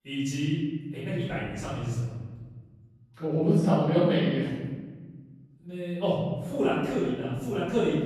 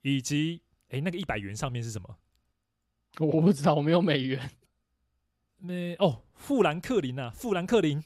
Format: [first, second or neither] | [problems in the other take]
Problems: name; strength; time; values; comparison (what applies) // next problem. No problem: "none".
second | off-mic speech; far // room echo; strong; dies away in 1.5 s